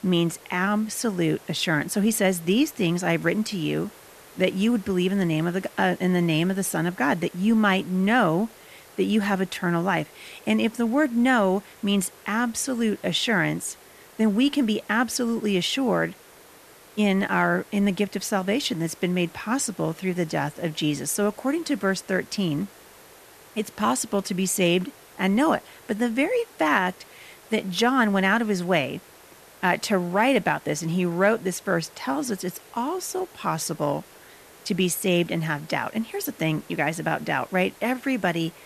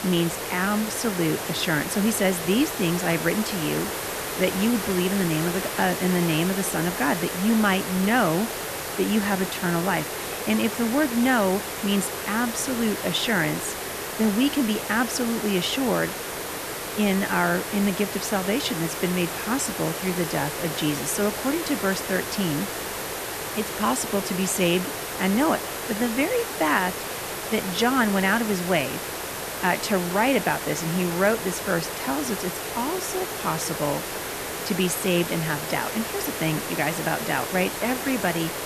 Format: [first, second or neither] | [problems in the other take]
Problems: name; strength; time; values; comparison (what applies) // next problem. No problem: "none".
first | hiss; loud; throughout; 5 dB below the speech; faint in the first